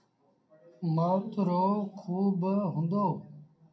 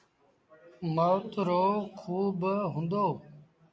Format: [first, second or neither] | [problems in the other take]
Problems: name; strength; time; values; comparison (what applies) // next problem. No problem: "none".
second | room echo; dies away in 0.2 s